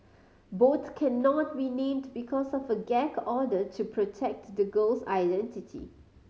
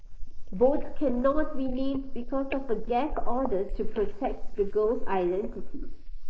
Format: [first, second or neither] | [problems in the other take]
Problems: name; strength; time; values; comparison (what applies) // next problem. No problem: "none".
first | noise reduction (neural mask model Resemble Enhance denoiser)